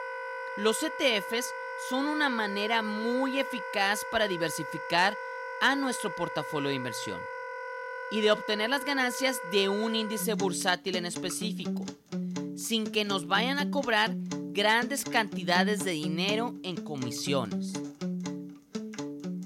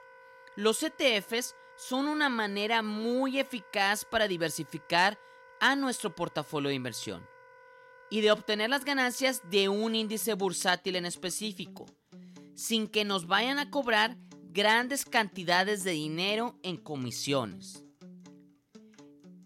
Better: second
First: background music; loud; throughout; 8 dB below the speech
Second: background music; faint; throughout; 25 dB below the speech

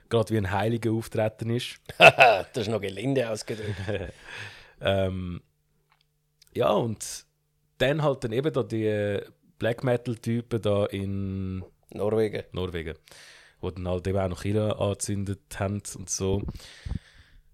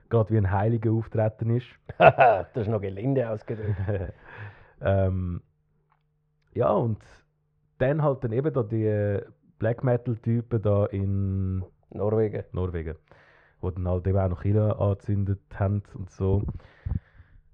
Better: first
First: none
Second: muffled; very; fading above 1 kHz

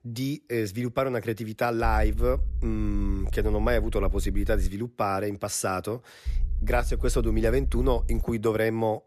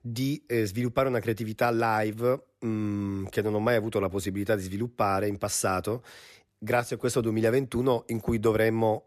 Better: second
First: low rumble; faint; from 2 to 4.5 s and from 6.5 to 8 s; 25 dB below the speech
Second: none

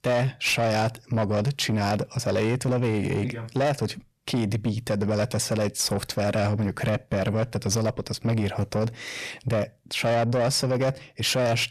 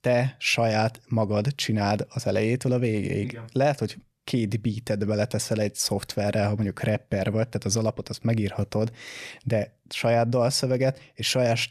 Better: second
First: distortion; slight; 10 dB below the speech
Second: none

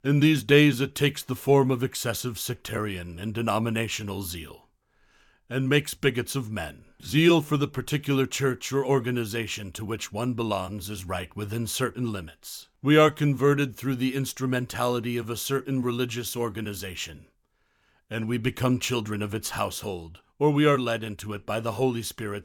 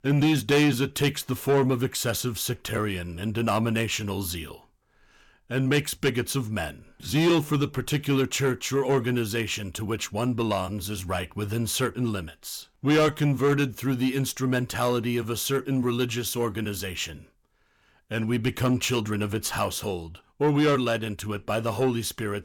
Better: first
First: none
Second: distortion; slight; 10 dB below the speech

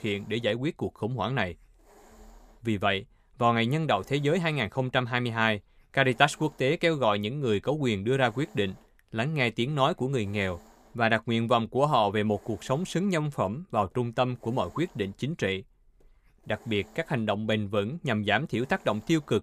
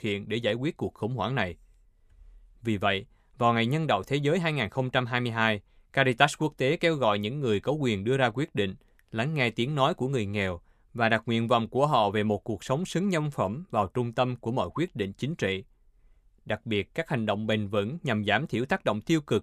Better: second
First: hiss; faint; throughout; 30 dB below the speech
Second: none

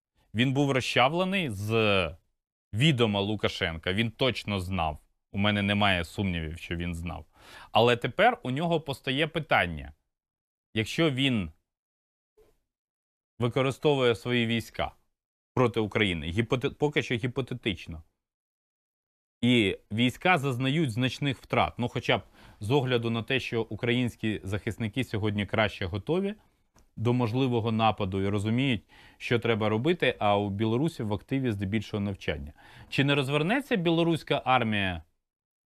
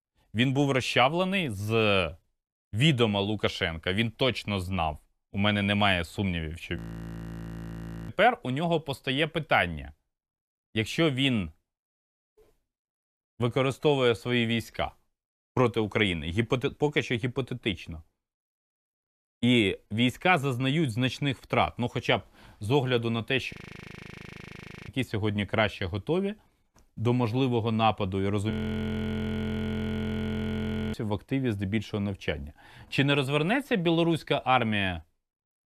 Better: first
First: none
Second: audio freezing; at 7 s for 1.5 s, at 24 s for 1.5 s and at 29 s for 2.5 s

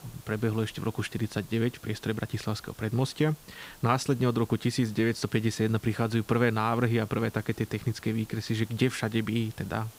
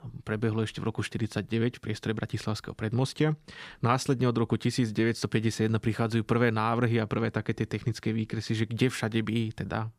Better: second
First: hiss; faint; throughout; 20 dB below the speech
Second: none

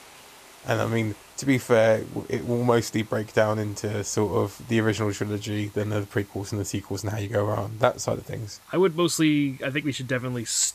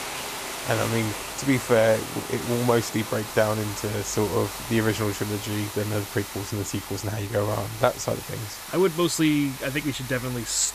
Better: first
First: hiss; faint; throughout; 25 dB below the speech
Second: hiss; loud; throughout; 8 dB below the speech

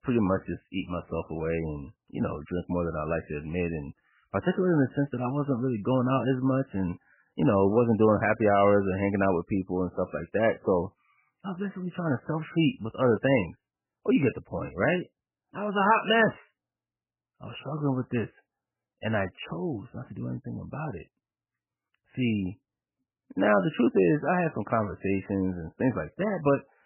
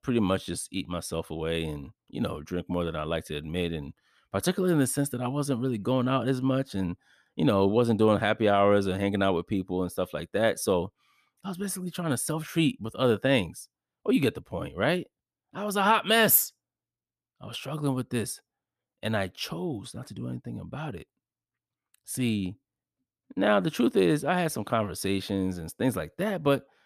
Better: second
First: garbled, watery; badly; nothing above 3 kHz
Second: none

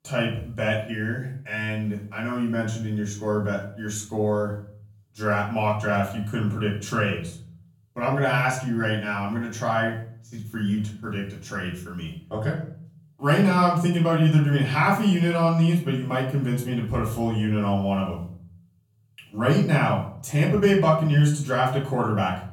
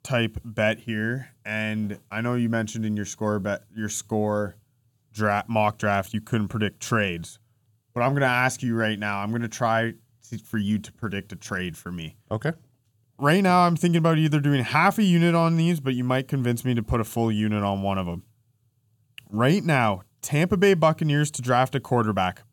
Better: second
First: off-mic speech; far // room echo; slight; dies away in 0.5 s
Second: none

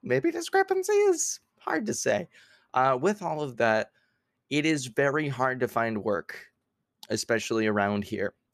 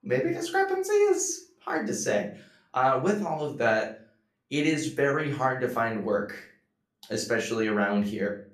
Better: first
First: none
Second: room echo; slight; dies away in 0.3 s // off-mic speech; far

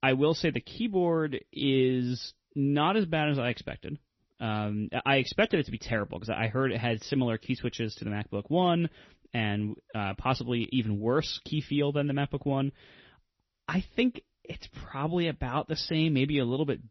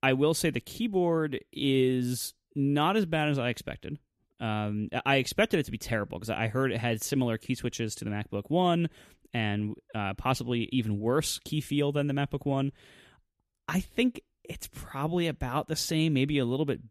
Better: second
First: garbled, watery; slightly; nothing above 6 kHz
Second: none

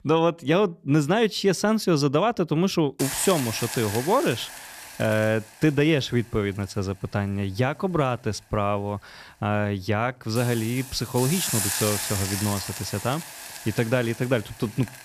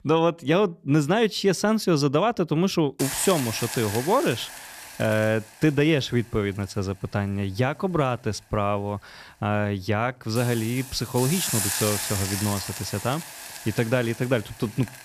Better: neither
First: hiss; loud; from 3 s on; 6 dB below the speech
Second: hiss; loud; from 3 s on; 6 dB below the speech

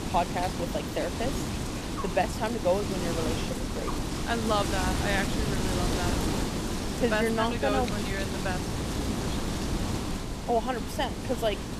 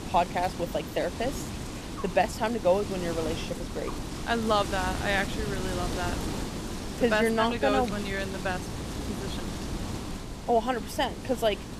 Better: second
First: wind noise on the microphone; heavy; 4 dB below the speech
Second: wind noise on the microphone; occasional gusts; 10 dB below the speech

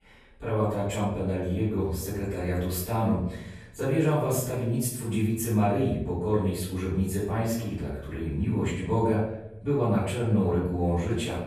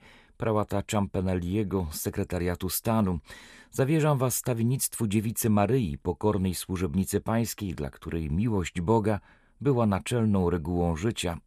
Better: second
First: room echo; noticeable; dies away in 0.8 s // off-mic speech; far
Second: none

